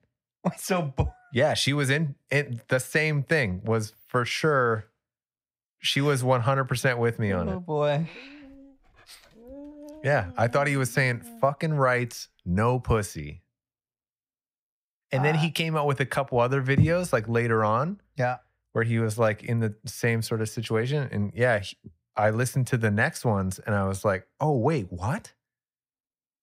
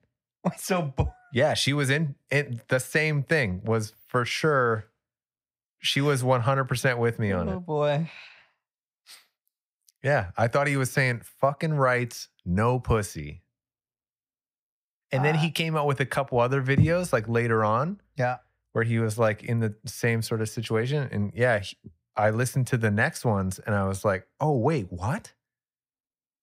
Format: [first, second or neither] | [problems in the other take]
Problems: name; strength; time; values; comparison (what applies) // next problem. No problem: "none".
second | dog barking; faint; from 8 to 12 s; peak 20 dB below the speech